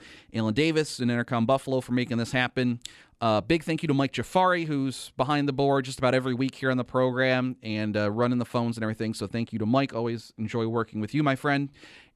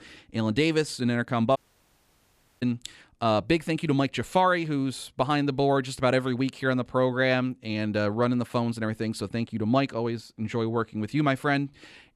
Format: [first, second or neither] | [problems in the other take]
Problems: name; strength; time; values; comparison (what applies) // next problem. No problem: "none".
first | audio cutting out; at 1.5 s for 1 s